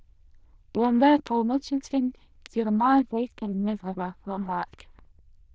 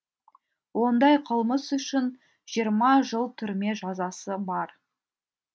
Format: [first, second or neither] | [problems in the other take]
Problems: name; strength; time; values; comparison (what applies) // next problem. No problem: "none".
second | noise reduction (neural diffusion model UNIVERSE++)